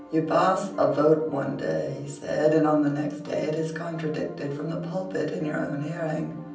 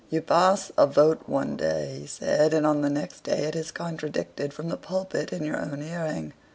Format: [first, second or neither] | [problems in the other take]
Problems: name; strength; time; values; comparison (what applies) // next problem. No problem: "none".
second | background sound (Piano); 15 dB below the speech // room echo; dies away in 0.6 s